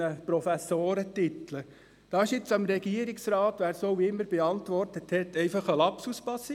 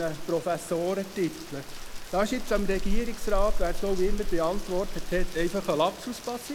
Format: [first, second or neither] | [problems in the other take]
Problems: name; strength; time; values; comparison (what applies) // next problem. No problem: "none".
first | background sound (Rain); as loud as the speech